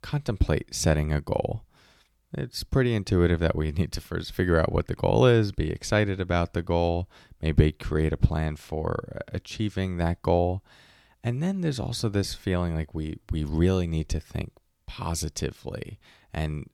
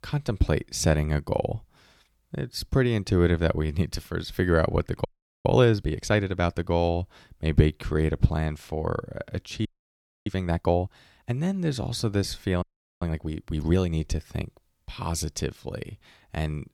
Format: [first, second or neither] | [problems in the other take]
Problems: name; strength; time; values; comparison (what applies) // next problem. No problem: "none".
first | audio freezing; at 5 s, at 9.5 s for 0.5 s and at 13 s